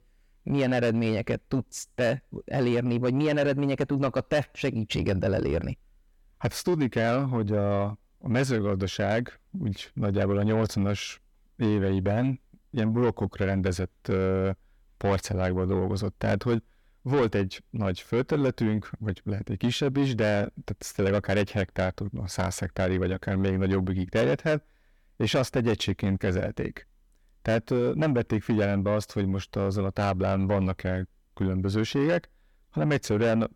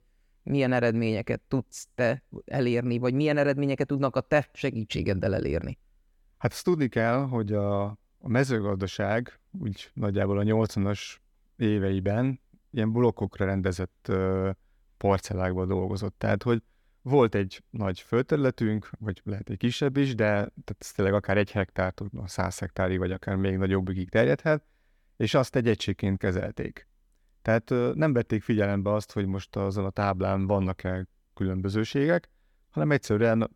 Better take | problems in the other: second | distortion; slight; 10 dB below the speech

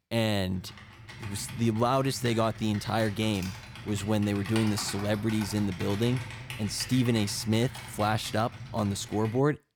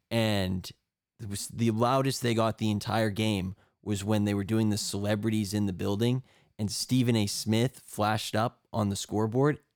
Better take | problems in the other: second | keyboard typing; noticeable; from 0.5 s on; peak 6 dB below the speech

